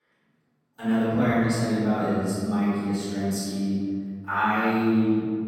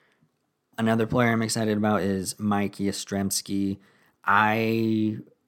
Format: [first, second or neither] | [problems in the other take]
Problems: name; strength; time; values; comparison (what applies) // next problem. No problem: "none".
second | off-mic speech; far // room echo; strong; dies away in 1.9 s